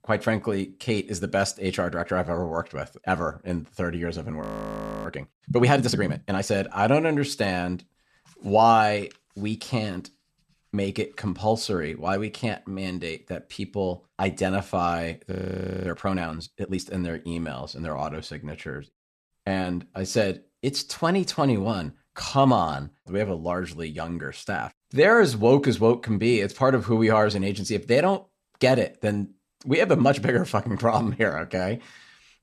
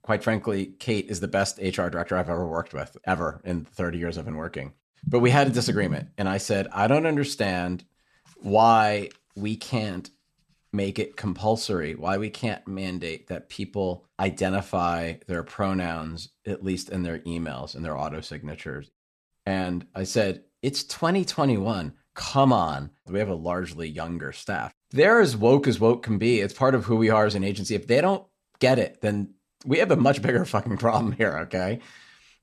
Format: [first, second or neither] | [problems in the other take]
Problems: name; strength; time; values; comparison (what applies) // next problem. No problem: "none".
second | audio freezing; at 4.5 s for 0.5 s and at 15 s for 0.5 s